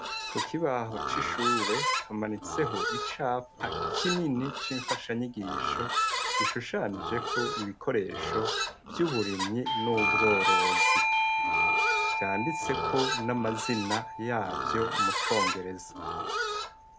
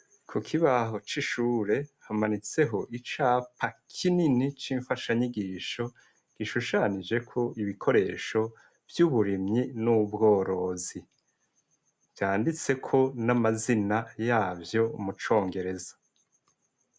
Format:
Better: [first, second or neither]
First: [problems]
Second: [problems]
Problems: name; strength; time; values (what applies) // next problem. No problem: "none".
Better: second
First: background sound (Doorbell + Livestock, farm animals, working animals); 3 dB above the speech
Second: none